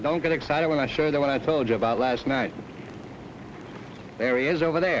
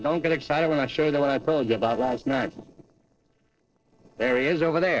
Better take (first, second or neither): first